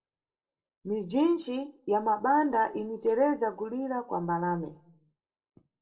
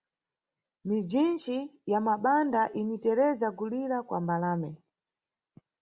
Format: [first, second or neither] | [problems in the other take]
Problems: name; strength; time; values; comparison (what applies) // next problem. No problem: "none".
second | noise reduction (neural separator model SepFormer DNS4)